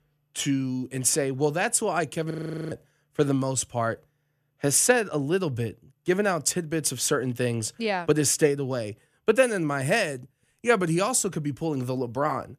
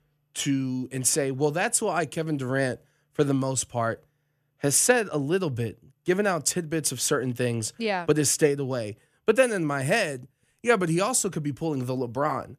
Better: second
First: audio freezing; at 2.5 s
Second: none

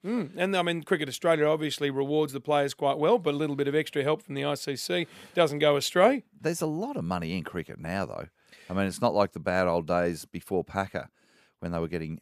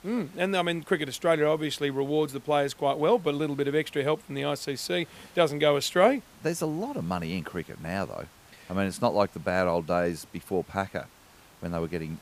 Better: first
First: none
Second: hiss; faint; throughout; 25 dB below the speech

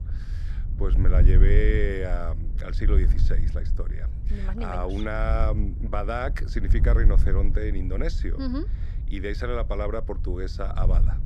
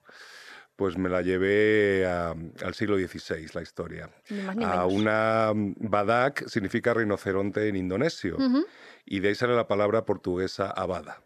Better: second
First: wind noise on the microphone; occasional gusts; 10 dB below the speech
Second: none

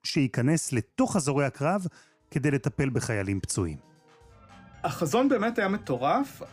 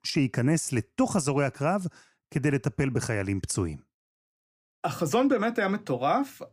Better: second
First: background music; faint; throughout; 25 dB below the speech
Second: none

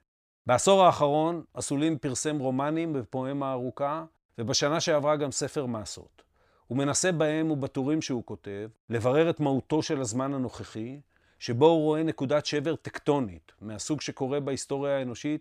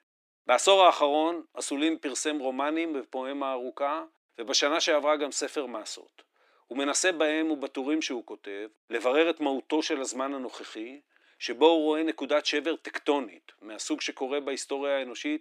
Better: first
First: none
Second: thin; very slightly; fading below 300 Hz

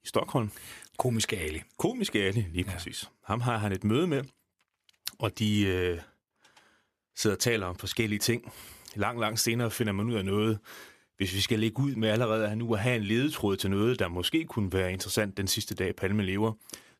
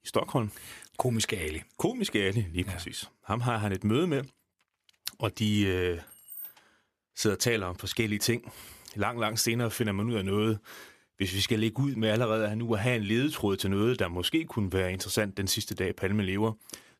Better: first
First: none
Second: jangling keys; faint; at 6 s; peak 10 dB below the speech

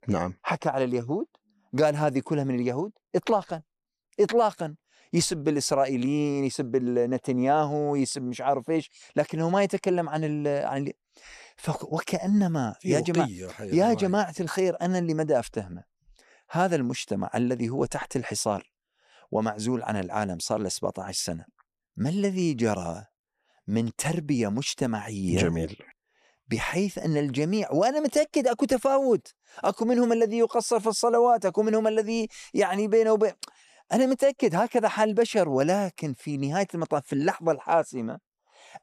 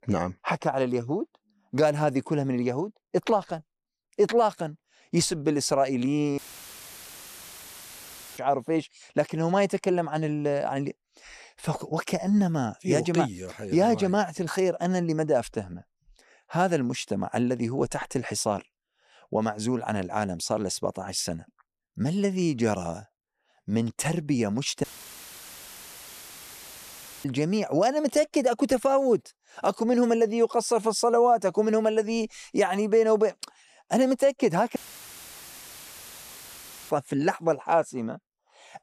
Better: first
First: none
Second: audio cutting out; filled with static; at 6.5 s for 2 s, at 25 s for 2.5 s and at 35 s for 2 s

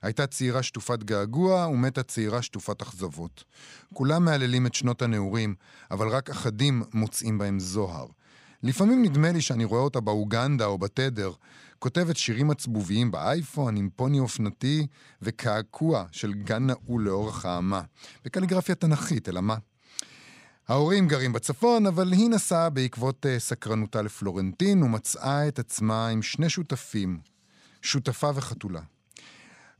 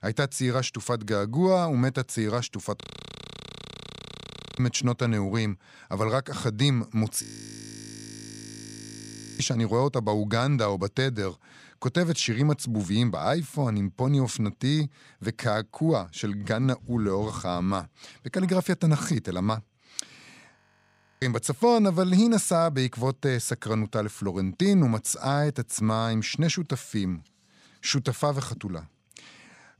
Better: first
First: none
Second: audio freezing; at 3 s for 2 s, at 7 s for 2 s and at 21 s for 0.5 s

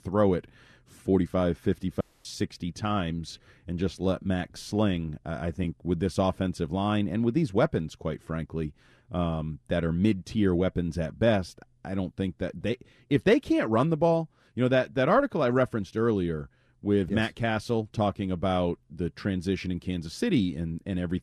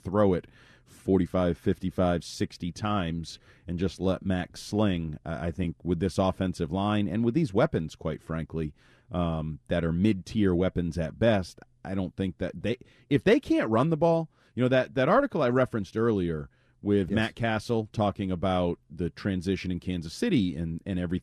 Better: second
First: audio cutting out; at 2 s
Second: none

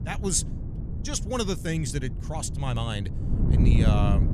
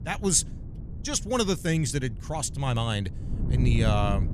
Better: second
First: wind noise on the microphone; heavy; 7 dB below the speech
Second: wind noise on the microphone; occasional gusts; 15 dB below the speech

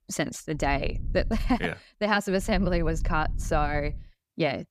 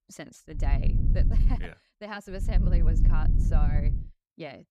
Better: first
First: low rumble; faint; at 0.5 s and from 2.5 to 4 s; 25 dB below the speech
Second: low rumble; loud; at 0.5 s and from 2.5 to 4 s; 2 dB below the speech

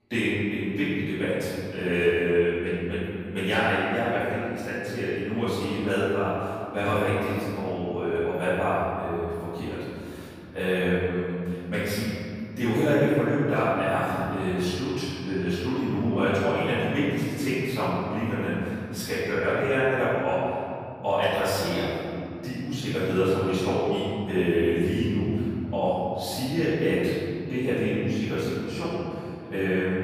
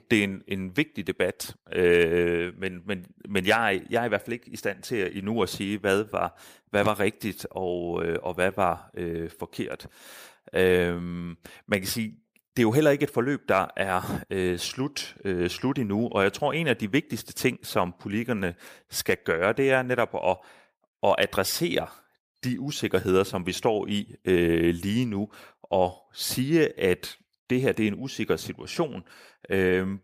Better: second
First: off-mic speech; far // room echo; strong; dies away in 3 s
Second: none

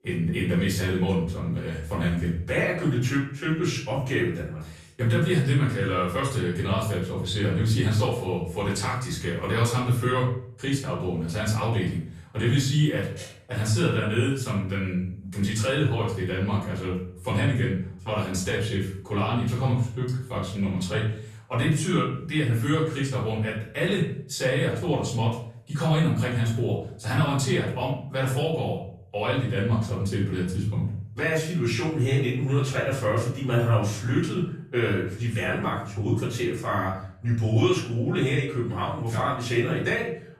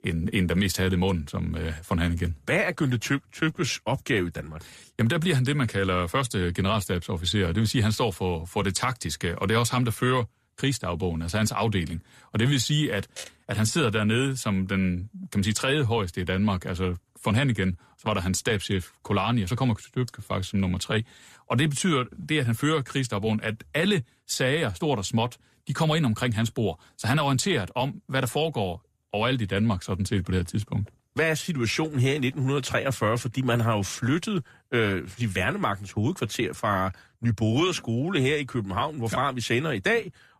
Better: second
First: off-mic speech; far // room echo; noticeable; dies away in 0.5 s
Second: none

